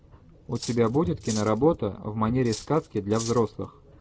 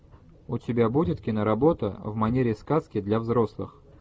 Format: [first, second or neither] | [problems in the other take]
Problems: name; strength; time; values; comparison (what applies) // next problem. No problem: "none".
second | background sound (Cutlery, silverware); 16 dB below the speech